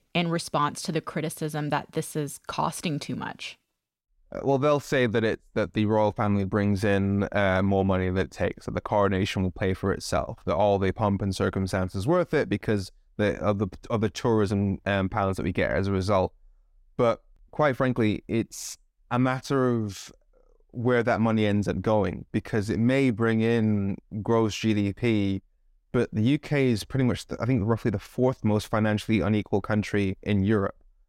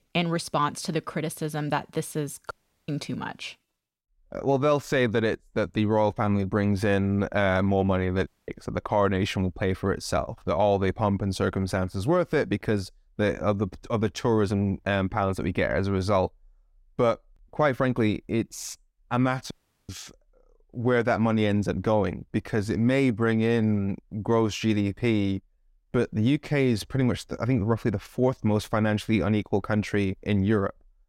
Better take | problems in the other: first | audio cutting out; at 2.5 s, at 8.5 s and at 20 s

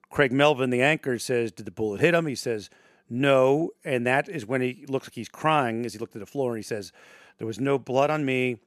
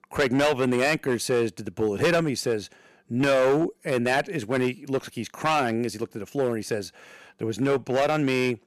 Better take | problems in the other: first | distortion; heavy; 7% of the sound clipped

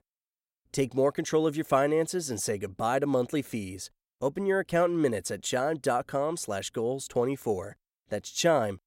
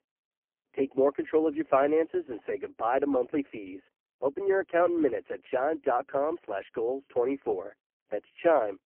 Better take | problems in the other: first | phone-call audio; poor line

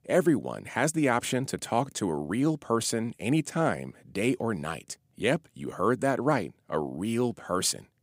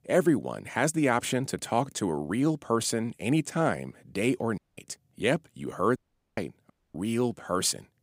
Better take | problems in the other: first | audio cutting out; at 4.5 s, at 6 s and at 6.5 s

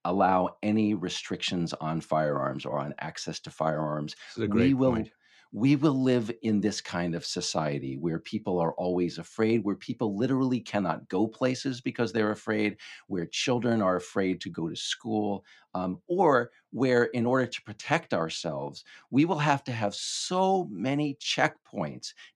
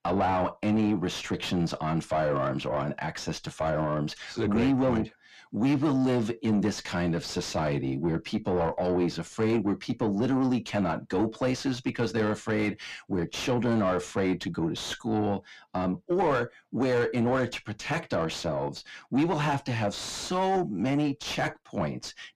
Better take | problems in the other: first | distortion; heavy; 7 dB below the speech

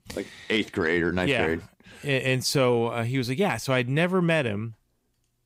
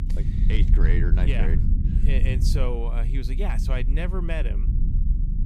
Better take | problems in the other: first | low rumble; loud; throughout; 6 dB below the speech

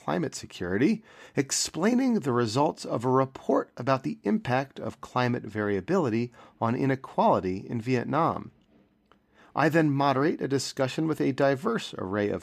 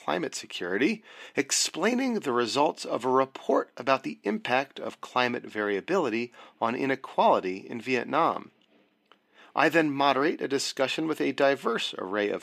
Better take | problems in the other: first | thin; very slightly; fading below 300 Hz

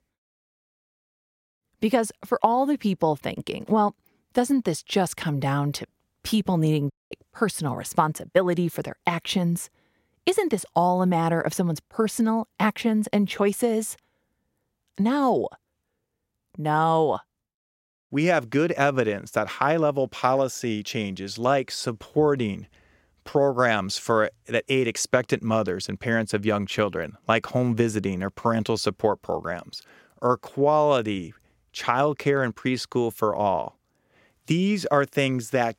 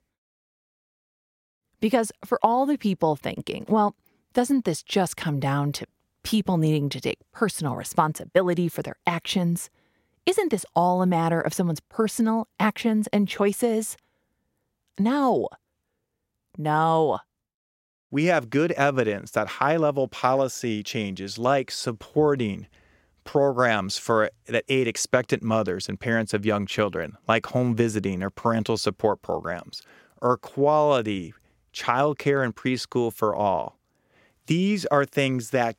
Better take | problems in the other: second | audio cutting out; at 7 s

